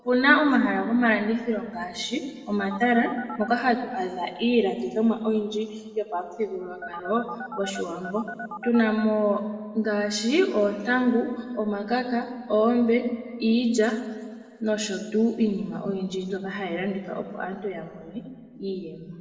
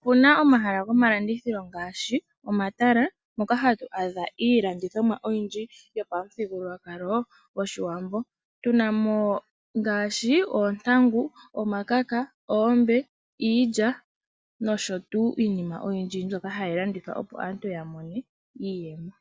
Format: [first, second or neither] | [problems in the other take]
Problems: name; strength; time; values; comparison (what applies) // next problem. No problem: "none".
second | background sound (Telephone); 11 dB below the speech // room echo; dies away in 1.4 s